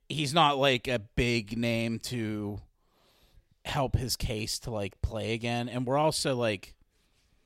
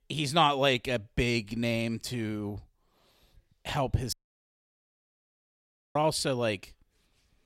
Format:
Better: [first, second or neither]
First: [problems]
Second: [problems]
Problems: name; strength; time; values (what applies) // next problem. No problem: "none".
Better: first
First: none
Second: audio cutting out; at 4 s for 2 s